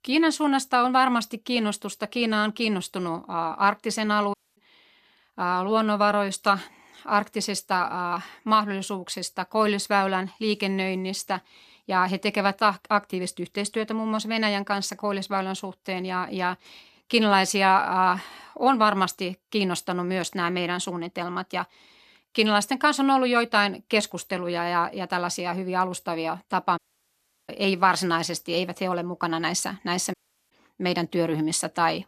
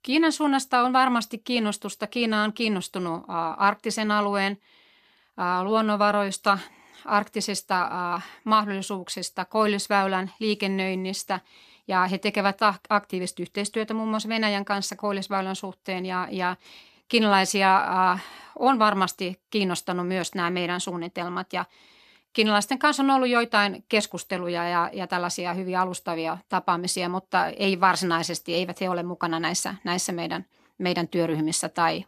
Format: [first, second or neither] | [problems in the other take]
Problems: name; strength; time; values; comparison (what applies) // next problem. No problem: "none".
second | audio cutting out; at 4.5 s, at 27 s for 0.5 s and at 30 s